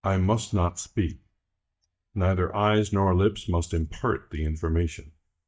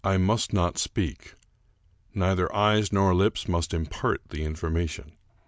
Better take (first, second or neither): second